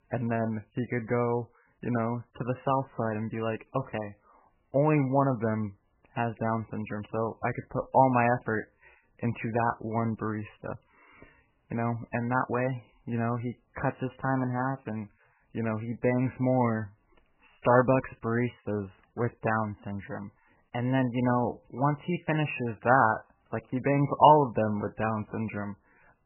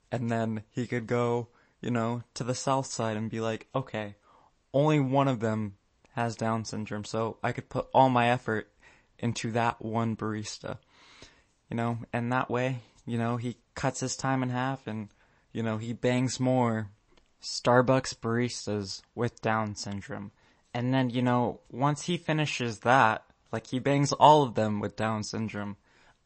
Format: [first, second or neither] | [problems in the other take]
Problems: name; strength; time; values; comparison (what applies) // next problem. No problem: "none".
second | garbled, watery; badly; nothing above 3 kHz; slightly in the second